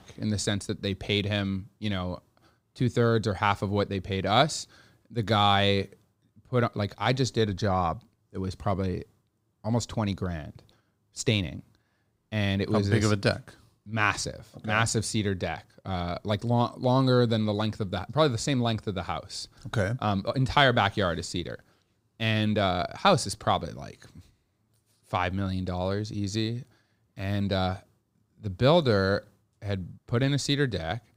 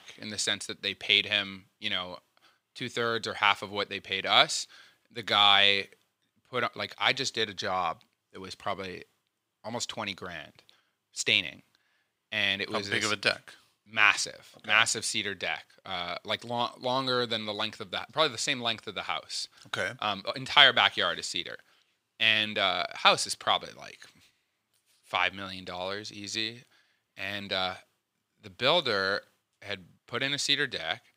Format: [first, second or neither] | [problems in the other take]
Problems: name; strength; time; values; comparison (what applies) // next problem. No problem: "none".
first | thin; somewhat; fading below 1 kHz